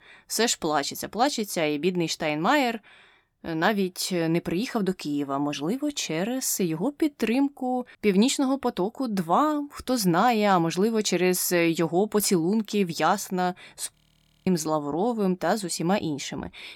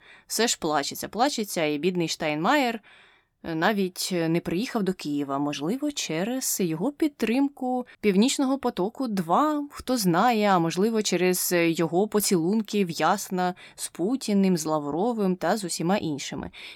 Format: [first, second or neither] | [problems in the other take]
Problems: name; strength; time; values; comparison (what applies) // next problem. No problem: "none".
second | audio freezing; at 14 s for 0.5 s